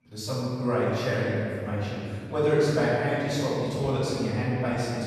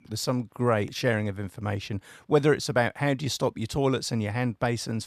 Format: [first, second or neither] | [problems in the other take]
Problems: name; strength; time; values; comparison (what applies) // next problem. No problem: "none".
second | off-mic speech; far // room echo; strong; dies away in 2.2 s